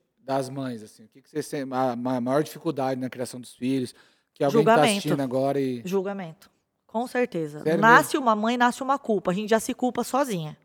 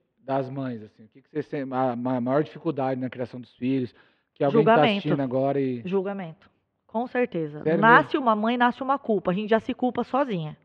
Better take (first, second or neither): first